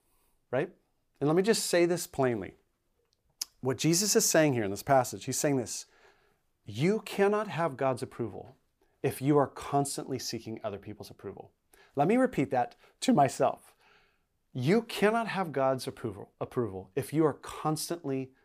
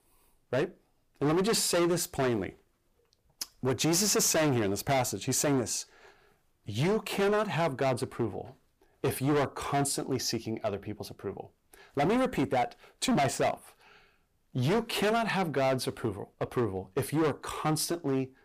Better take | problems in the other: first | distortion; heavy; 13% of the sound clipped

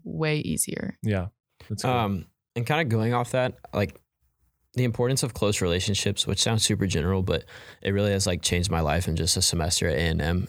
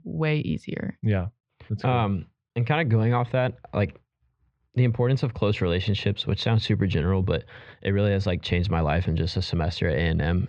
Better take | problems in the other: first | muffled; slightly; fading above 3.5 kHz

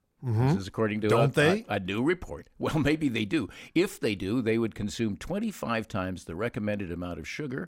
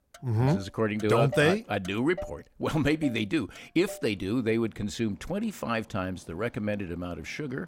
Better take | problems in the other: first | traffic noise; noticeable; throughout; 15 dB below the speech

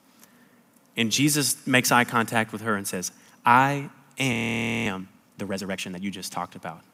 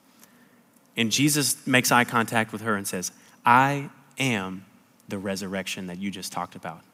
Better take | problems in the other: second | audio freezing; at 4.5 s for 0.5 s

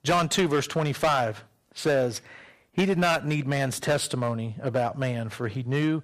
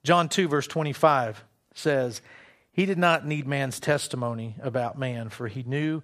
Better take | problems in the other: second | distortion; heavy; 6% of the sound clipped

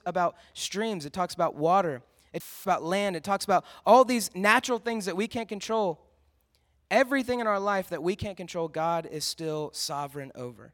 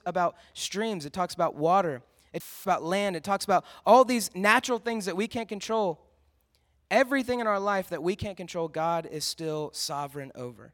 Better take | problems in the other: neither | audio cutting out; filled with static; at 2.5 s; the same in both

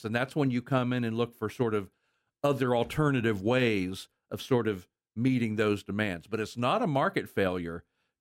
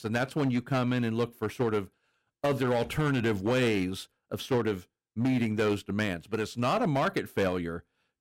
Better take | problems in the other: first | distortion; slight; 8% of the sound clipped

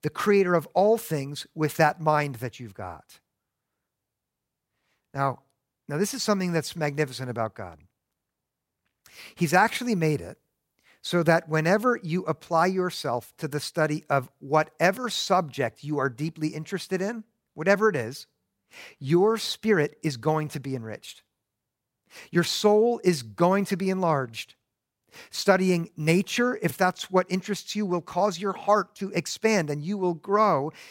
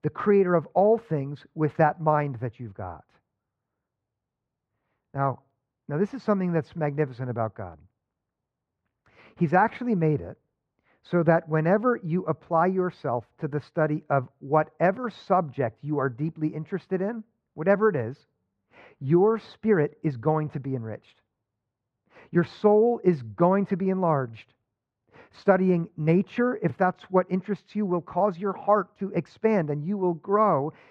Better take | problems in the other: first | muffled; very; fading above 1.5 kHz

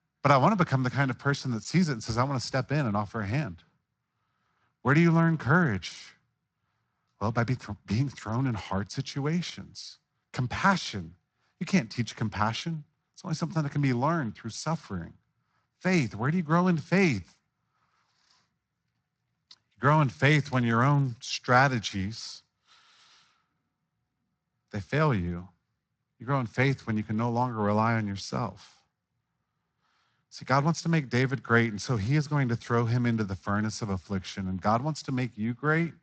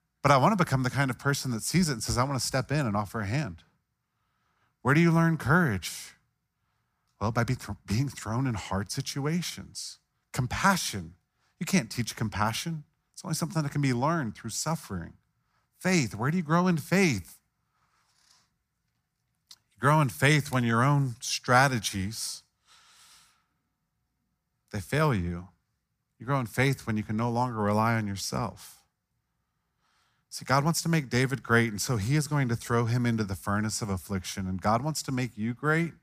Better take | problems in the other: second | garbled, watery; slightly; nothing above 7.5 kHz

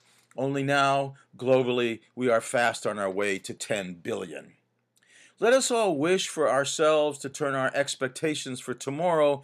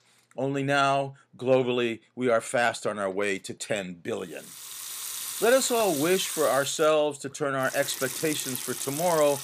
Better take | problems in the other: first | household noises; loud; from 4.5 s on; 6 dB below the speech

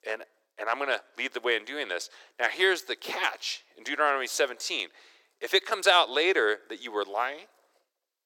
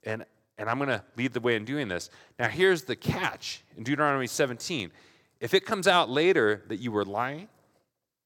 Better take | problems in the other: second | thin; very; fading below 400 Hz

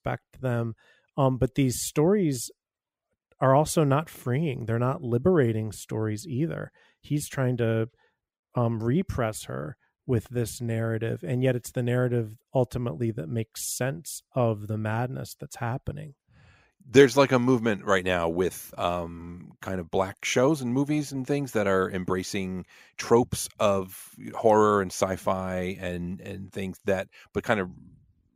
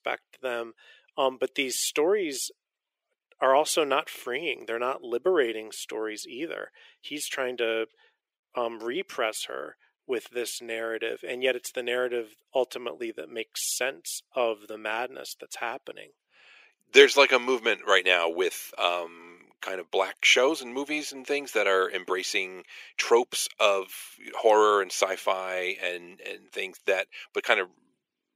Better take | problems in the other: first | thin; very; fading below 400 Hz

